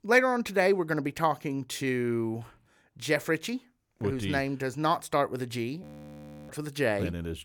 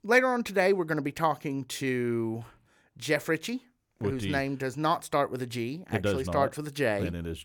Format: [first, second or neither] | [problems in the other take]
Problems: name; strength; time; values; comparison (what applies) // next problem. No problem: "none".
second | audio freezing; at 6 s for 0.5 s